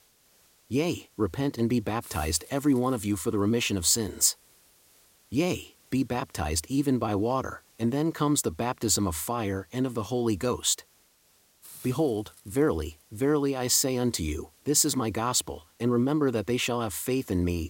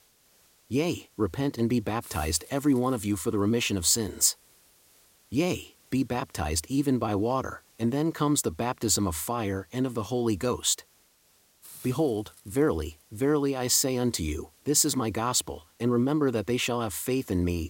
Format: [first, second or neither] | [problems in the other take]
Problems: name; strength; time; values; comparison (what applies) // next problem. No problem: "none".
neither | hiss; faint; throughout; 25 dB below the speech; the same in both